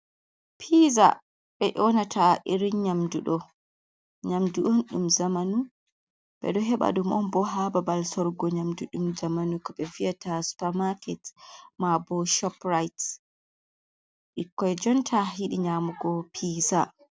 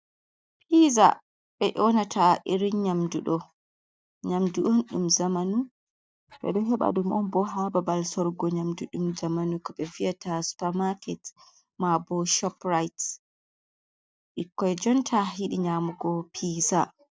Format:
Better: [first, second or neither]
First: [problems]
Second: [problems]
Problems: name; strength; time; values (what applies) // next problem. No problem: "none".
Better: first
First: none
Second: noise reduction (neural mask model DeepFilterNet 3)